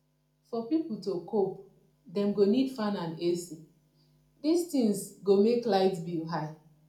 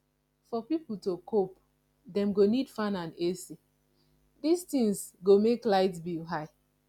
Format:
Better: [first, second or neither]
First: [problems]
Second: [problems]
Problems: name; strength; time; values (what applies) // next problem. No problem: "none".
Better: second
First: room echo; dies away in 0.4 s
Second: none